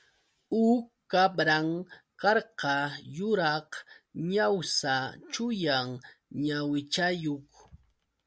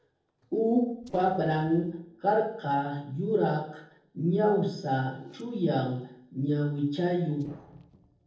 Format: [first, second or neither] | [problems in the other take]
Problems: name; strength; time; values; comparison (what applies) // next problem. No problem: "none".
first | noise reduction (neural separator model SepFormer DNS4)